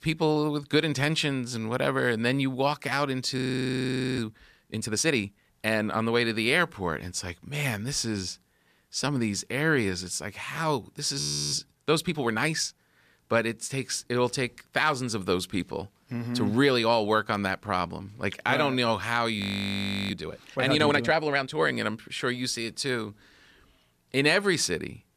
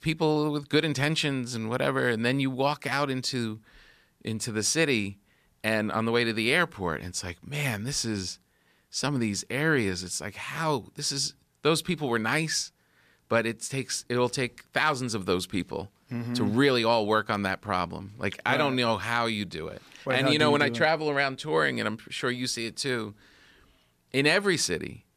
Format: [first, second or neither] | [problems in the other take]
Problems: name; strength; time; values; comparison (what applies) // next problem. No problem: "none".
second | audio freezing; at 3.5 s for 1 s, at 11 s and at 19 s for 0.5 s